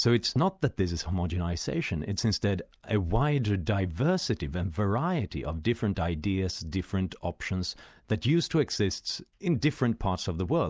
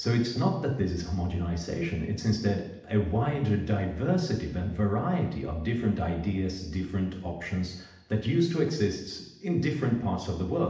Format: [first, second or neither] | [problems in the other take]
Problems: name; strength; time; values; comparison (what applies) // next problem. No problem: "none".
first | room echo; dies away in 0.8 s